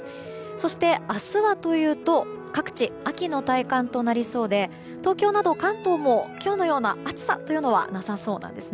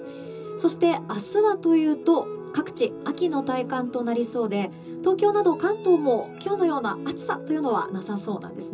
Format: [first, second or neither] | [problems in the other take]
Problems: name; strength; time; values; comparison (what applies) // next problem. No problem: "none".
first | room echo; dies away in 0.2 s